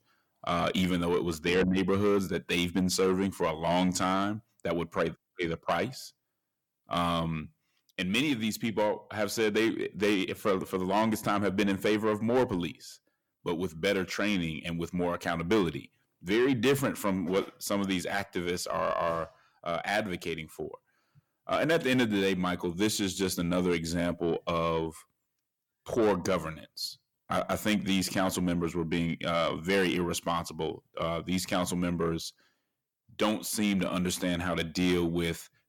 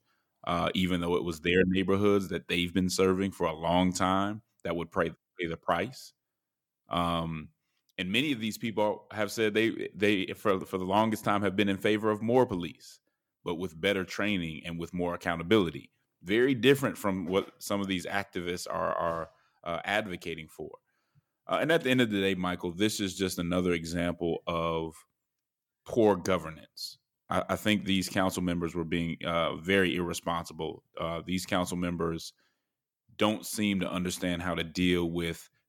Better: second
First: distortion; slight; 10 dB below the speech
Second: none

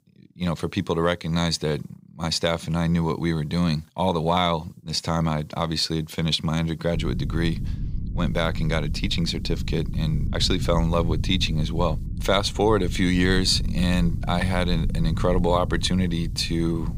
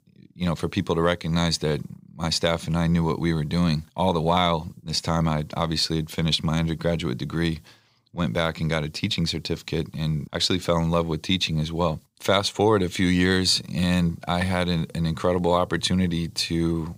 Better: second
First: low rumble; noticeable; from 7 s on; 15 dB below the speech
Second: none

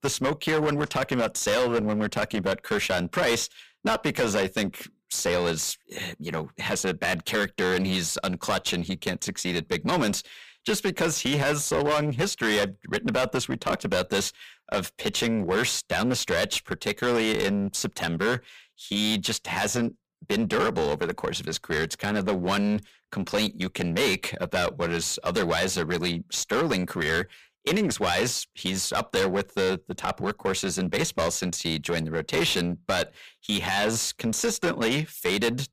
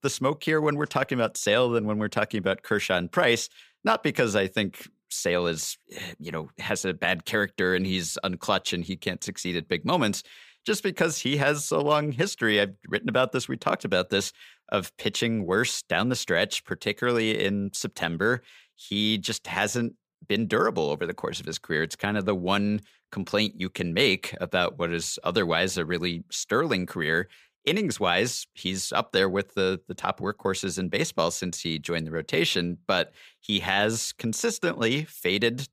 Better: second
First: distortion; heavy; 13% of the sound clipped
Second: none

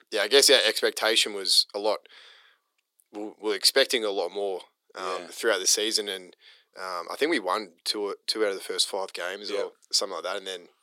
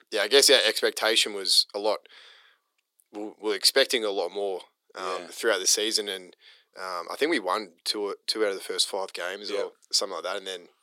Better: neither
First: thin; very; fading below 400 Hz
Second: thin; very; fading below 400 Hz

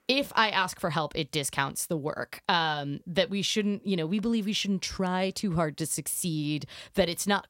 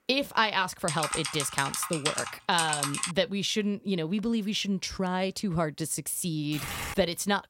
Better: first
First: none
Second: keyboard typing; noticeable; from 1 to 3 s and at 6.5 s; peak level with the speech

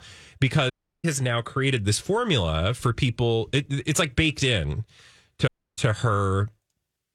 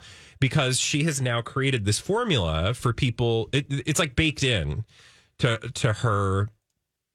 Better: second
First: audio cutting out; at 0.5 s and at 5.5 s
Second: none

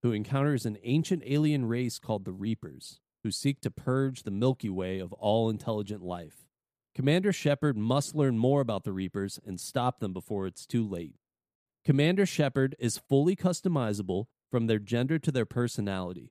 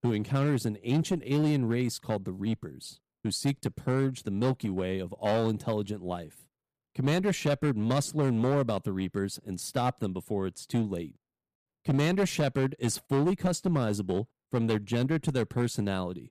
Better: first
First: none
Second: distortion; slight; 9% of the sound clipped

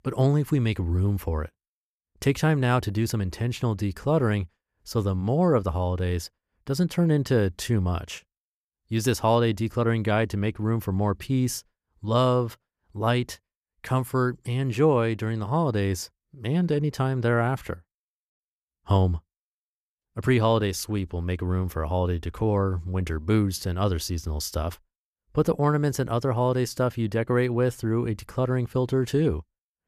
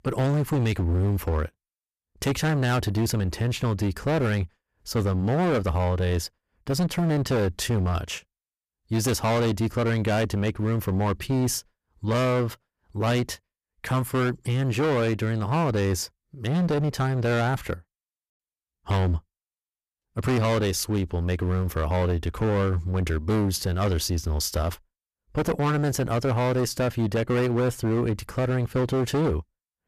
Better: first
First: none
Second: distortion; heavy; 20% of the sound clipped

